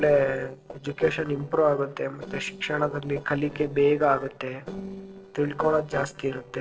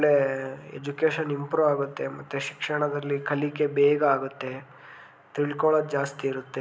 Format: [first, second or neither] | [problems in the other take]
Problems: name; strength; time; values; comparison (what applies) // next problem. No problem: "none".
second | noise reduction (neural separator model SepFormer DNS4)